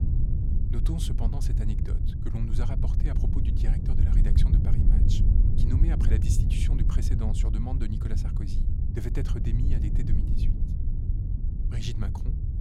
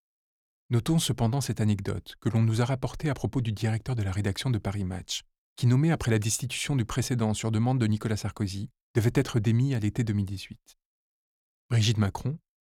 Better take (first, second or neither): second